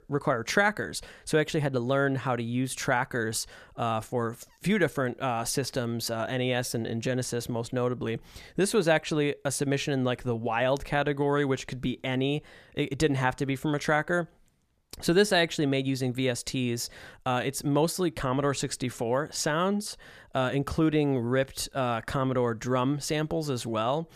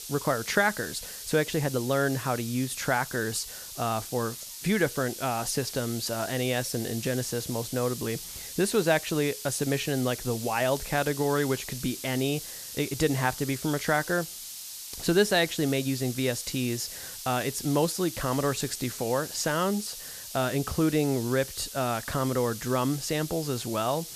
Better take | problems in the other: first | hiss; loud; throughout; 9 dB below the speech

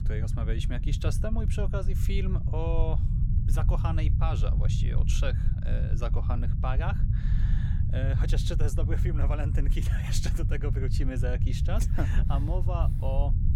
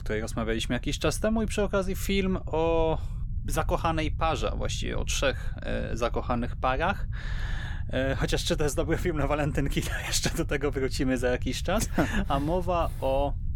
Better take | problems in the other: second | low rumble; loud; throughout; 5 dB below the speech; faint in the second

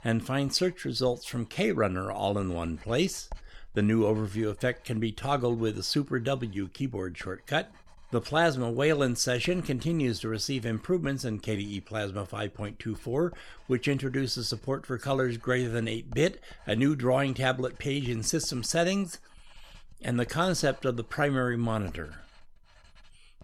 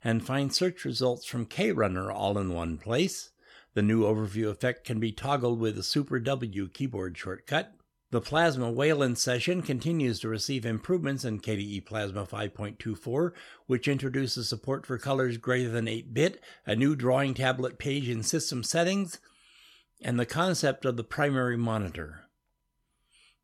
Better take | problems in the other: second | household noises; faint; throughout; 25 dB below the speech

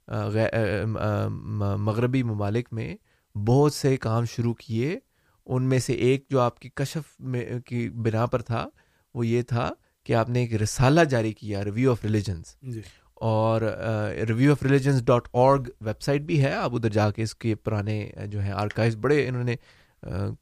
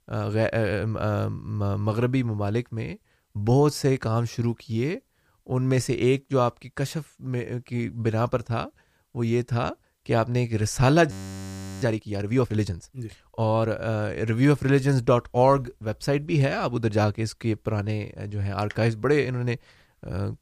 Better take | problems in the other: first | audio freezing; at 11 s for 0.5 s

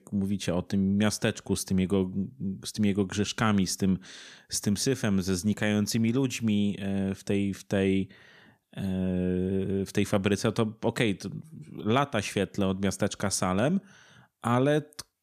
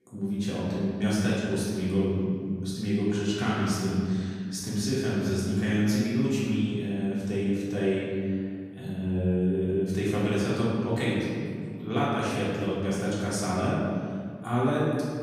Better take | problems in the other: first | off-mic speech; far // room echo; strong; dies away in 2 s

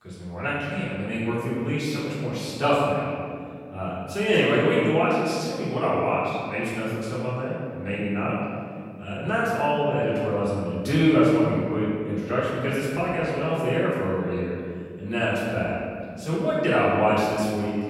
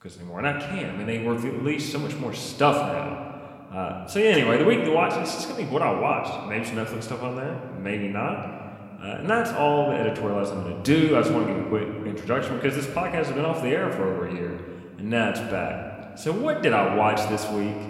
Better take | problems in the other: second | room echo; strong; dies away in 2.1 s; slight in the second // off-mic speech; far

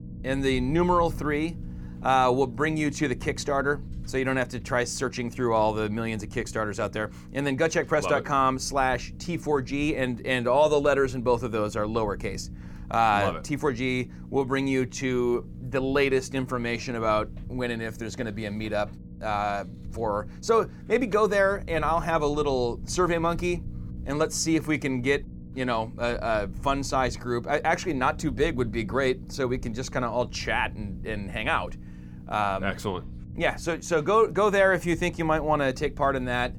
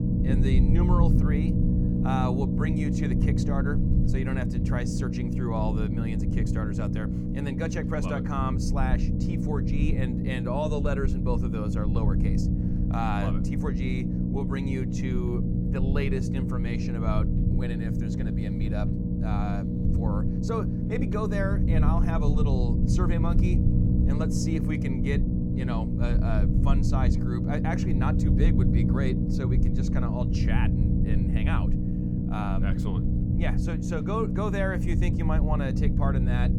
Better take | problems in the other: first | low rumble; loud; throughout; 1 dB below the speech; faint in the first

